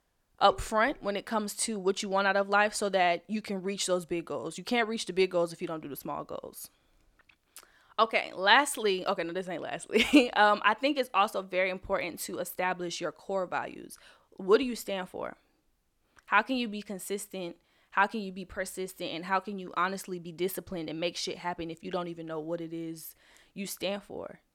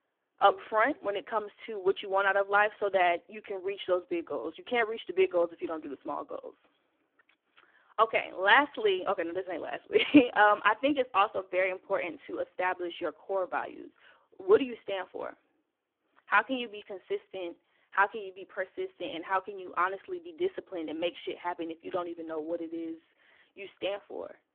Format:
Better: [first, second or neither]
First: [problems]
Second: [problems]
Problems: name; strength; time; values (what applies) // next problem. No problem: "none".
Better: first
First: none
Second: phone-call audio; poor line